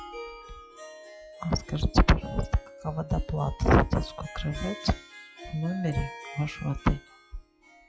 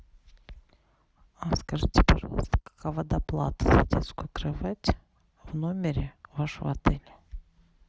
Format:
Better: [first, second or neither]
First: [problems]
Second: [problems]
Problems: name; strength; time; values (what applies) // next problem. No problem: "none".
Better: second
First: noise reduction (classical method log-MMSE)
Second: none